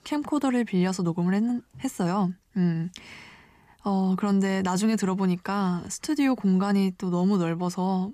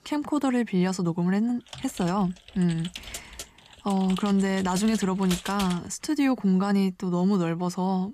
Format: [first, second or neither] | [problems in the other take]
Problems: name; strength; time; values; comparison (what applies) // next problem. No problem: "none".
first | keyboard typing; noticeable; from 1.5 to 6 s; peak 7 dB below the speech